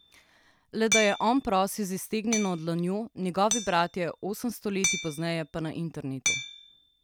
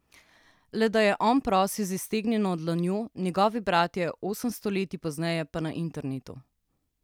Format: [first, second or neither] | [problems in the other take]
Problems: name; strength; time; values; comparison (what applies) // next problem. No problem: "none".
second | background sound (Hammer); 6 dB below the speech